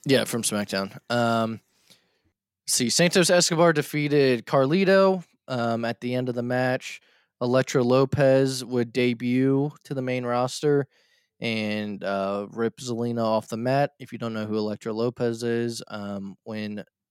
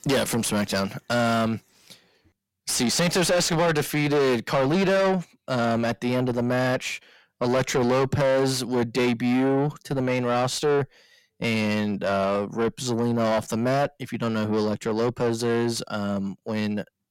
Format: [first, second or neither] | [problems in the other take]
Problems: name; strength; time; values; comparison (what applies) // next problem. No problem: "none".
first | distortion; heavy; 6 dB below the speech